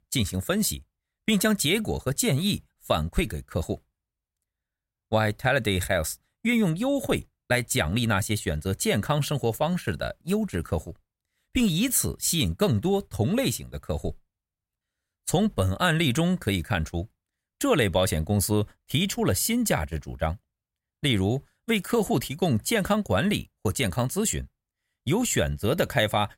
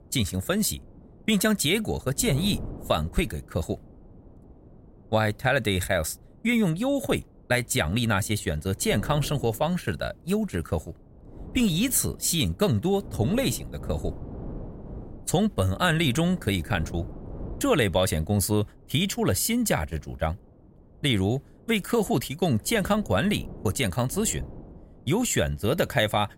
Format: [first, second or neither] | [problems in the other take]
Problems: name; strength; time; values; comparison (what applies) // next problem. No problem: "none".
first | wind noise on the microphone; occasional gusts; 20 dB below the speech